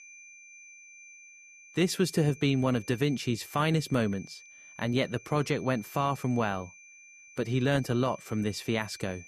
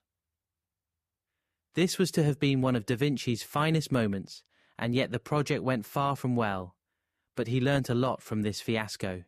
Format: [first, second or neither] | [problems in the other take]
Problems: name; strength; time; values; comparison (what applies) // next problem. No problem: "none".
second | high-pitched whine; noticeable; throughout; 2.5 kHz, 20 dB below the speech